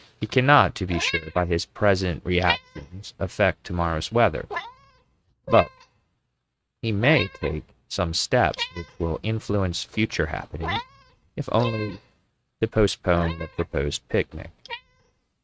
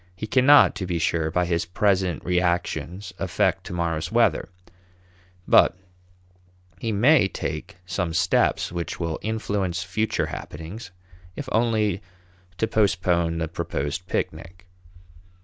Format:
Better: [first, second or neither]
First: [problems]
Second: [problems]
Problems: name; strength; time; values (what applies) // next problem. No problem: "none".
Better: second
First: noise reduction (neural mask model RNNoise)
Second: none